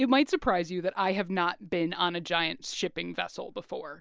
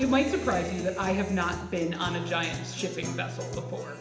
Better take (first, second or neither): first